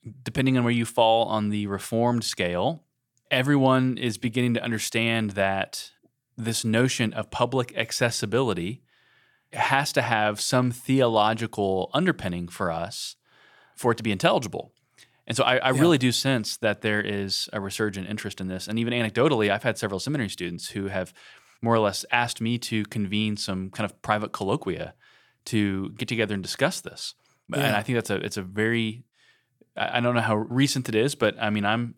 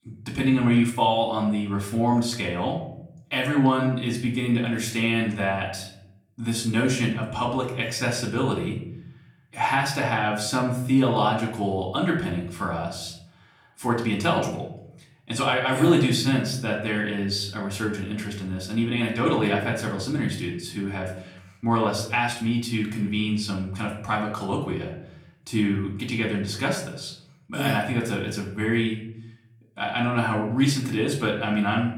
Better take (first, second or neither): first